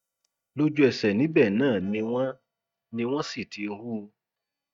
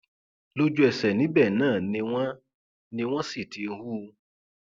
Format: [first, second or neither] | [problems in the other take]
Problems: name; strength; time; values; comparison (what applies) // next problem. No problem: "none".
second | noise reduction (neural mask model DeepFilterNet 3)